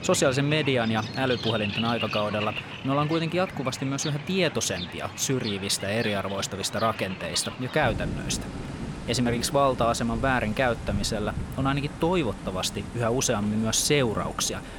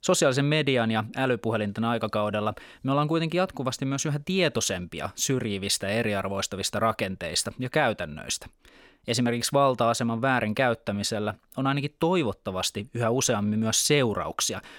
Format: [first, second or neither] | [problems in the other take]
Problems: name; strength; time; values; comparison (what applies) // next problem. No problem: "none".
second | rain or running water; loud; throughout; 9 dB below the speech